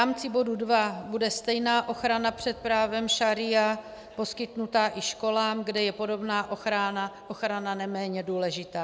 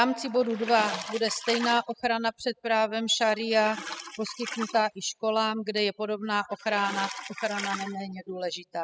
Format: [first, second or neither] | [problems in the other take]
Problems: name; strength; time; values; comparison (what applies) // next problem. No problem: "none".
first | noise reduction (classical method spectral subtraction)